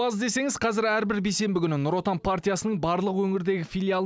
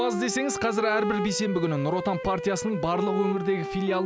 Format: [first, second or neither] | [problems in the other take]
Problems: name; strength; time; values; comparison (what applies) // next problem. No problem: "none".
first | background sound (Wind instrument, woodwind instrument); 5 dB below the speech